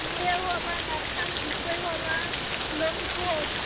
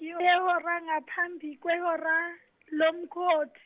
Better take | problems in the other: second | background sound (Rain); 2 dB above the speech

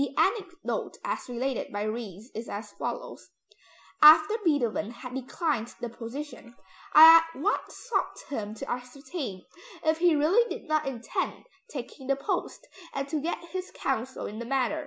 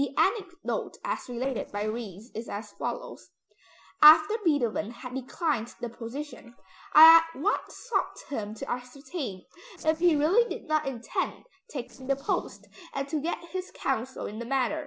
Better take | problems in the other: first | noise reduction (neural separator model SepFormer DNS4)

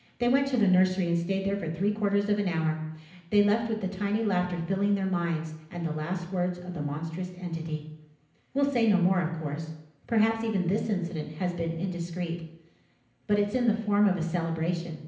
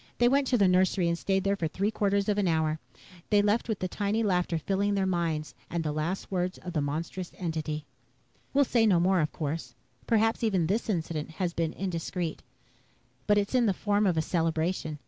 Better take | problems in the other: second | room echo; dies away in 0.8 s

